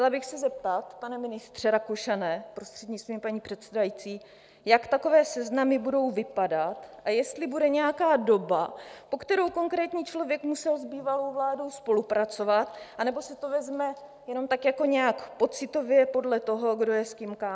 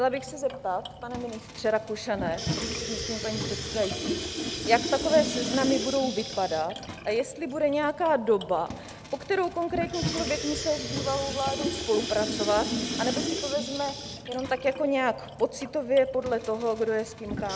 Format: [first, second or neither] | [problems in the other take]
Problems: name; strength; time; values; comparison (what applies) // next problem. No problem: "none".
first | background sound (Sink (filling or washing) / Water tap, faucet); 6 dB below the speech